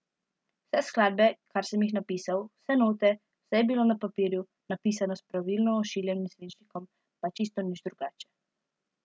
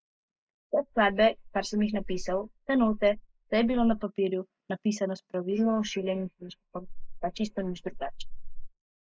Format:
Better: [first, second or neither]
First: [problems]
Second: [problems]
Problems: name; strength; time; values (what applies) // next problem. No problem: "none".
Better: first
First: none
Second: noise reduction (neural mask model Resemble Enhance denoiser)